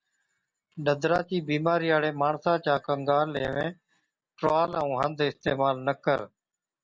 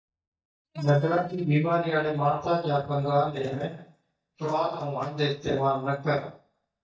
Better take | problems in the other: first | noise reduction (neural mask model DeepFilterNet 3)

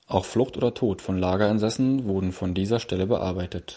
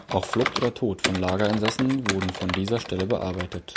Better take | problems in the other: first | background sound (Computer keyboard); 6 dB below the speech

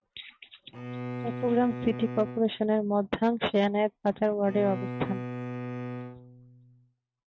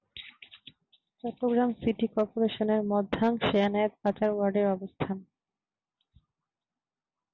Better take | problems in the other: second | noise reduction (neural mask model RNNoise)

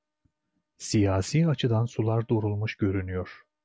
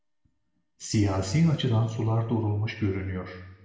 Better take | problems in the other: first | room echo; dies away in 0.9 s

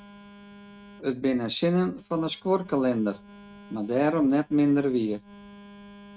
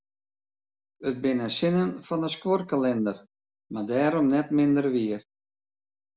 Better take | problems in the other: second | noise reduction (neural mask model RNNoise)

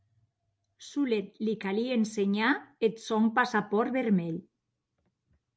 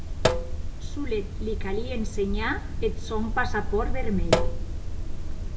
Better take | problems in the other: first | background sound (Sink (filling or washing)); 5 dB above the speech // room echo; dies away in 0.6 s

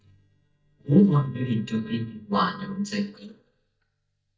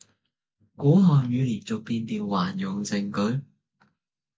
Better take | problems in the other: second | noise reduction (neural mask model DeepFilterNet 3)

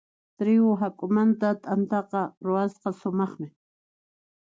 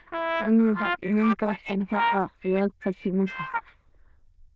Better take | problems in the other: first | noise reduction (neural diffusion model UNIVERSE++)

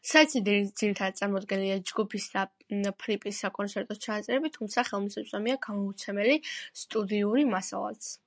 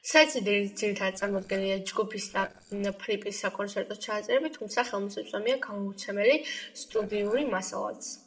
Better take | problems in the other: first | noise reduction (neural separator model SepFormer DNS4)

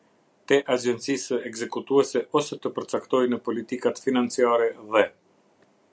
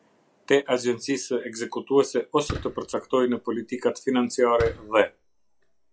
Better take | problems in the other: first | noise reduction (classical method log-MMSE)

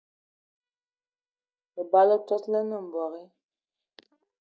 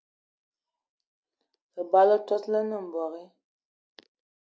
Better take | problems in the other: second | noise reduction (neural mask model DeepFilterNet 3)

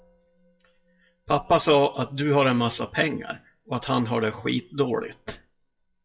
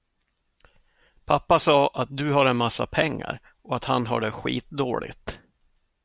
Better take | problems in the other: second | noise reduction (classical method WPE with log-MMSE)

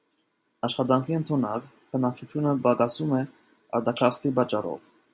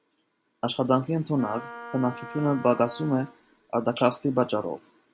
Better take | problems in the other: first | background sound (Wind instrument, woodwind instrument); 15 dB below the speech

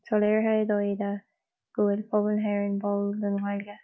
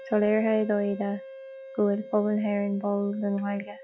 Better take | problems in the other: first | background sound (Wind instrument, woodwind instrument); 16 dB below the speech

